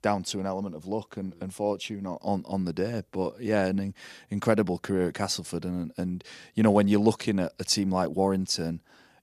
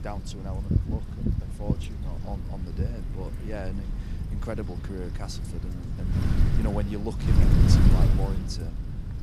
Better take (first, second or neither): first